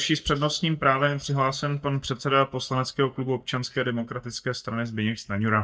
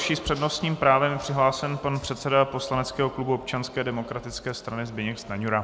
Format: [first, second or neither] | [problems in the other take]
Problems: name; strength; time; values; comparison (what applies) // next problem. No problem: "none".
second | noise reduction (neural mask model DeepFilterNet 3)